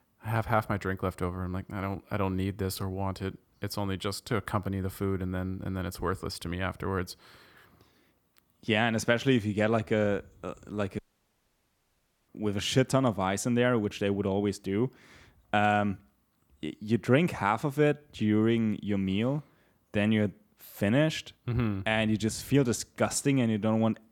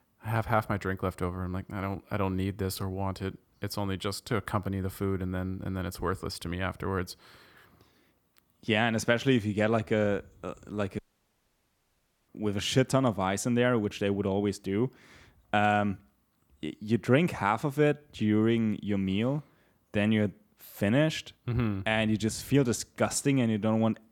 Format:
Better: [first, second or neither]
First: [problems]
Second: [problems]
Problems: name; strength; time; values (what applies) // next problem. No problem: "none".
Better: neither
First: audio cutting out; at 11 s for 1.5 s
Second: audio cutting out; at 11 s for 1.5 s